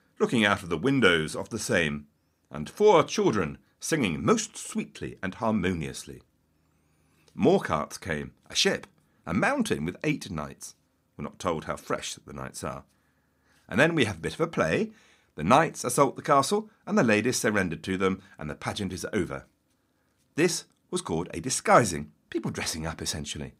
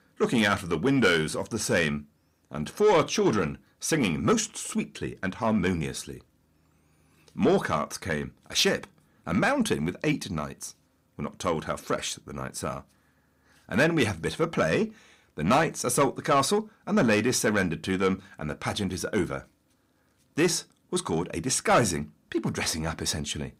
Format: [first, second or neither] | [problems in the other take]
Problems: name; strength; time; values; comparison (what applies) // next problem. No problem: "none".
first | distortion; slight; 10 dB below the speech